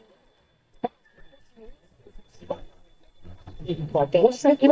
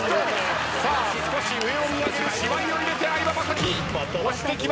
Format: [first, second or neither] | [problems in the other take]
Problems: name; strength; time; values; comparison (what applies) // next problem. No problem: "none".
second | noise reduction (neural mask model DeepFilterNet 3)